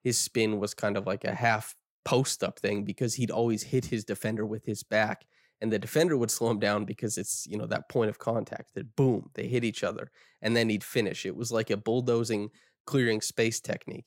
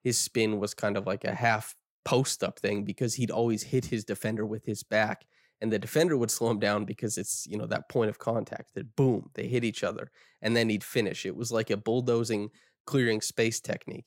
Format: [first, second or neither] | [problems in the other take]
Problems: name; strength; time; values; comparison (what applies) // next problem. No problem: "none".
neither | none